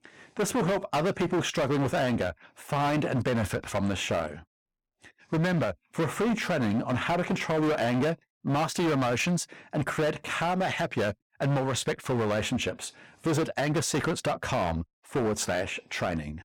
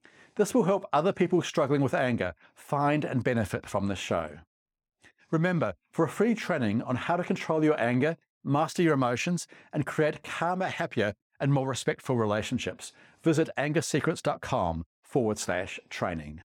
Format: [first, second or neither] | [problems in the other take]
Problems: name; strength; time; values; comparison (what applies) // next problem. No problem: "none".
second | distortion; heavy; 19% of the sound clipped